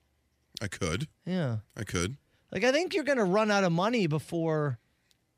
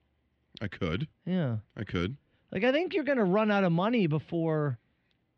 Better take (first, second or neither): first